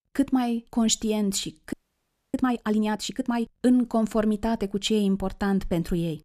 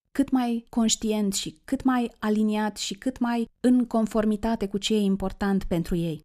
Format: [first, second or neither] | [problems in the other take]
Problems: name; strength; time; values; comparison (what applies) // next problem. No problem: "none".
second | audio freezing; at 1.5 s for 0.5 s